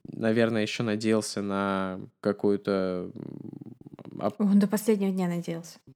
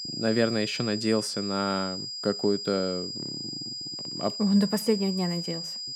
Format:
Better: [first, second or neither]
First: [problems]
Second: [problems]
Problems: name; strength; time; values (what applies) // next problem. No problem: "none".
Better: first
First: none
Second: high-pitched whine; loud; throughout; 5 kHz, 5 dB below the speech